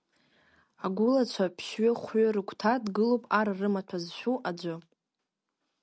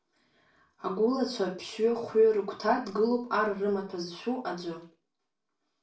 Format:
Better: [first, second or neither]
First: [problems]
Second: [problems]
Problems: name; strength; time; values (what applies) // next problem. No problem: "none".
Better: first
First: none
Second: room echo; dies away in 0.3 s